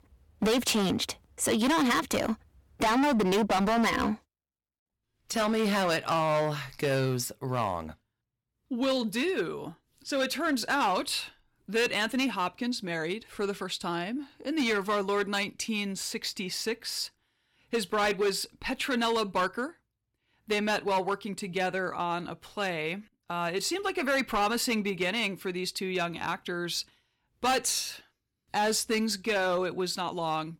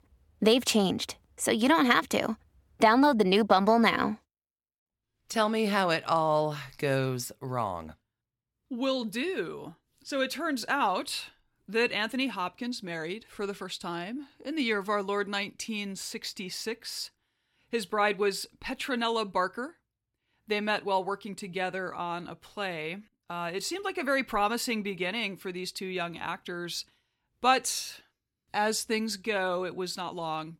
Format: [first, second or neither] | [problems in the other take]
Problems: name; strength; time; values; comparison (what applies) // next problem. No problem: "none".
second | distortion; heavy; 8% of the sound clipped